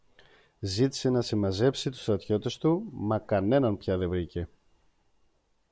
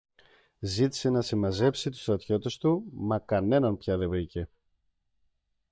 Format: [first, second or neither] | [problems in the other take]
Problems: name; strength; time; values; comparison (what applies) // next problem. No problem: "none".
first | noise reduction (neural mask model DeepFilterNet 3)